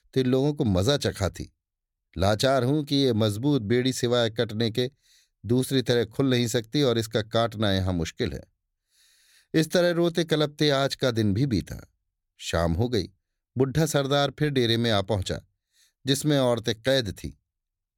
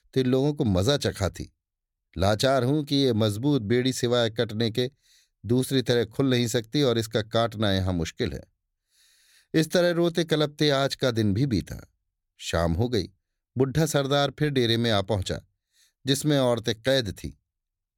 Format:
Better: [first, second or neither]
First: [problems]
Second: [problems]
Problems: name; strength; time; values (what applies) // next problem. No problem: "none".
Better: neither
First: none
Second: none